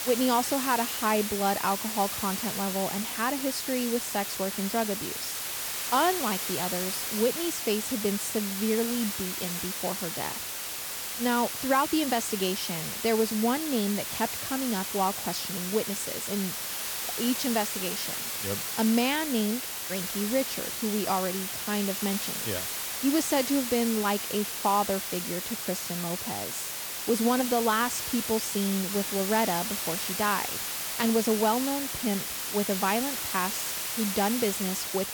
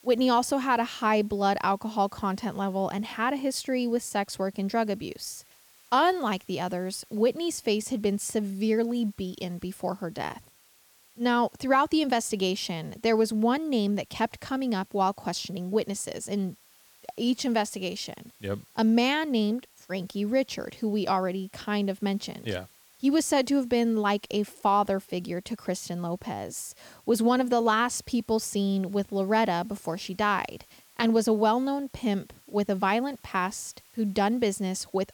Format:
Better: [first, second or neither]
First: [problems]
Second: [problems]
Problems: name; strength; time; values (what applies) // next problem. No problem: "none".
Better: second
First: hiss; loud; throughout; 2 dB below the speech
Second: hiss; faint; throughout; 30 dB below the speech